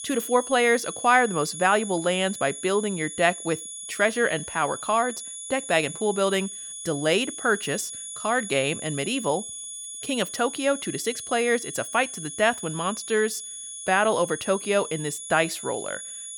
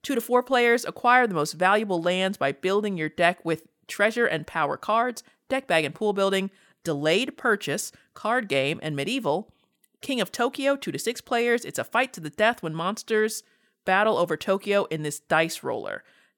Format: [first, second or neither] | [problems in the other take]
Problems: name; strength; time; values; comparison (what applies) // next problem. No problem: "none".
second | high-pitched whine; loud; throughout; 10 kHz, 9 dB below the speech